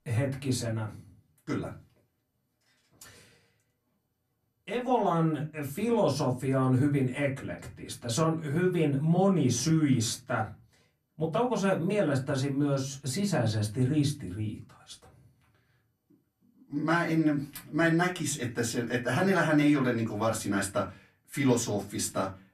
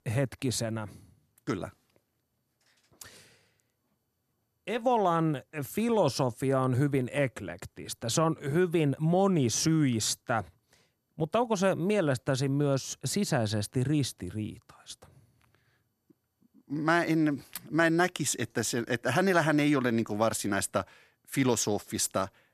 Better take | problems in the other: second | off-mic speech; far // room echo; very slight; dies away in 0.3 s

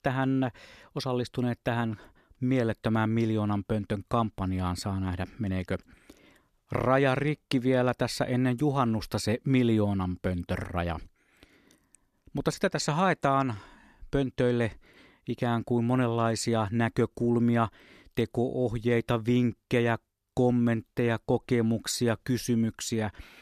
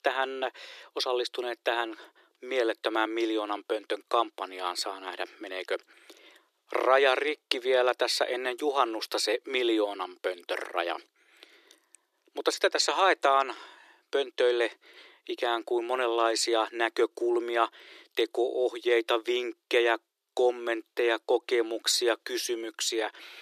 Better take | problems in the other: first | thin; very; fading below 350 Hz

